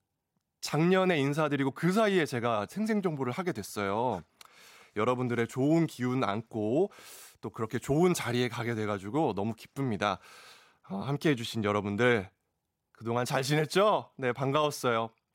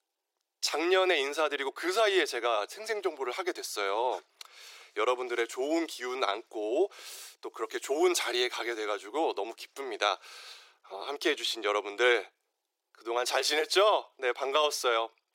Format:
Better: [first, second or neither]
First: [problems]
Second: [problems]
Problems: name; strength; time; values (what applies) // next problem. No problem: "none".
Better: first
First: none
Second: thin; very; fading below 350 Hz